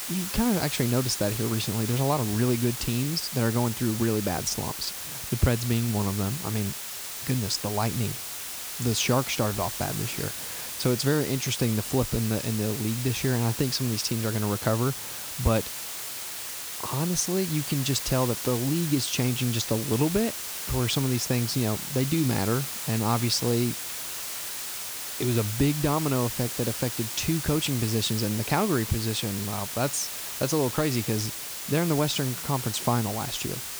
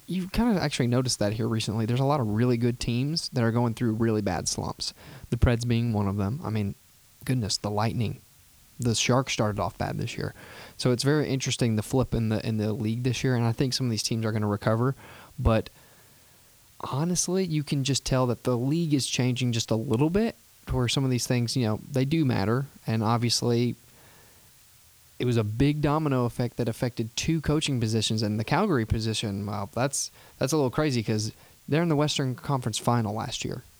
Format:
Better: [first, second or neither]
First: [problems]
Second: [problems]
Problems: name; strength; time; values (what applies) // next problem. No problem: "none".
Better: second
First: hiss; loud; throughout; 5 dB below the speech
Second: hiss; faint; throughout; 25 dB below the speech